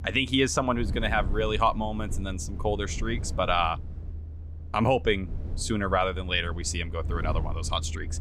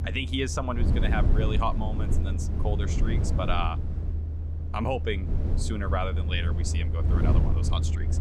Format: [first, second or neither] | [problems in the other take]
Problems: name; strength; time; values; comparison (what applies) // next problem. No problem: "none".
first | low rumble; loud; throughout; 8 dB below the speech; faint in the first